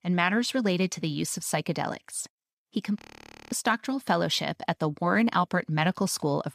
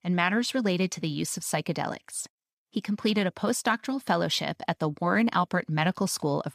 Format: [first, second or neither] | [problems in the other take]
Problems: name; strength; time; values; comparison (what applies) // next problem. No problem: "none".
second | audio freezing; at 3 s for 0.5 s